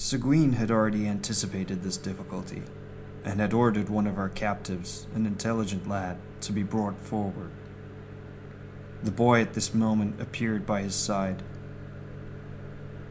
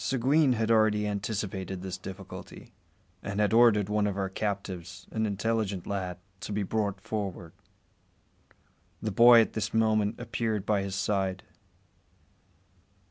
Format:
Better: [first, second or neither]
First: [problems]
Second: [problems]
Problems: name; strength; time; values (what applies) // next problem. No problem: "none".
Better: second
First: background sound (Microwave oven); 12 dB below the speech // room echo; dies away in 0.4 s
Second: none